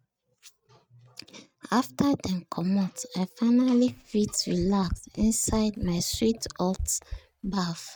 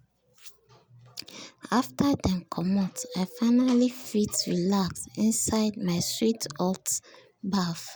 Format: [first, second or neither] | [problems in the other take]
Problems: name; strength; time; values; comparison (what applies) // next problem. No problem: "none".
second | noise reduction (neural mask model RNNoise)